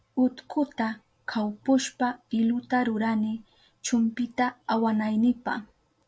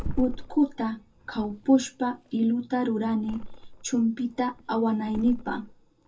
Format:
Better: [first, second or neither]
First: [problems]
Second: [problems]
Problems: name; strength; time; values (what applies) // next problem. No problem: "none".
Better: first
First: none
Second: background sound (Thump, thud); 11 dB below the speech // room echo; dies away in 0.2 s